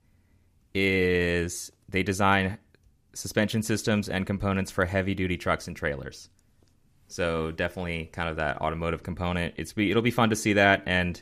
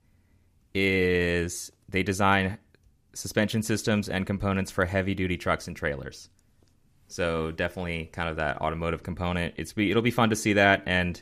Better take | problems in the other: neither | none

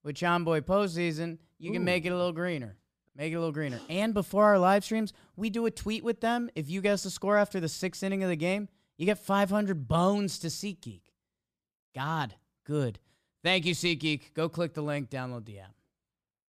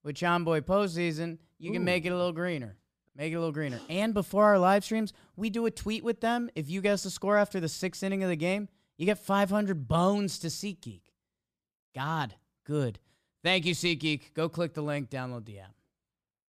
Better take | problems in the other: neither | none

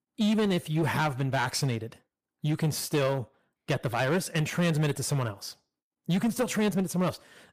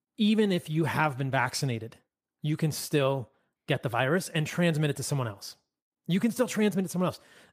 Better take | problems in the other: second | distortion; slight; 9% of the sound clipped

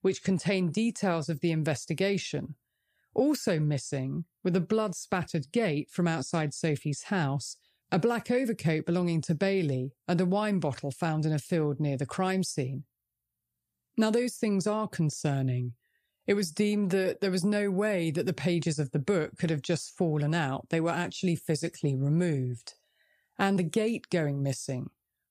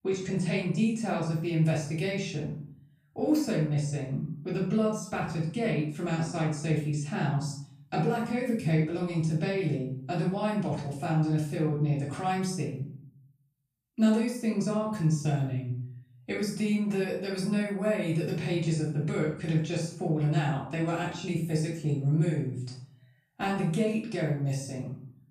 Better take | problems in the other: first | off-mic speech; far // room echo; noticeable; dies away in 0.5 s

